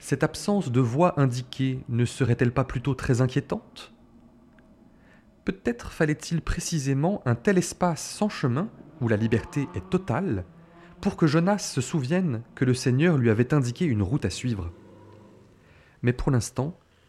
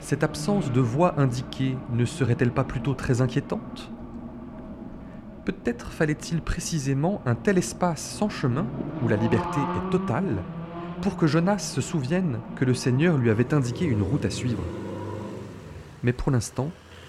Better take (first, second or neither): first